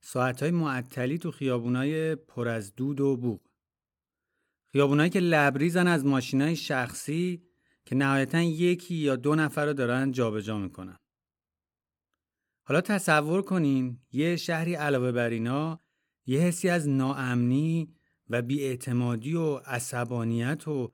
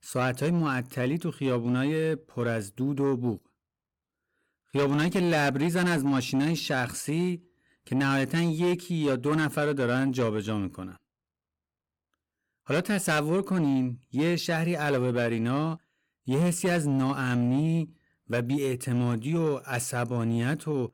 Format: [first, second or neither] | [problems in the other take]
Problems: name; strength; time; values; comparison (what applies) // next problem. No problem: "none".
first | distortion; slight; 10 dB below the speech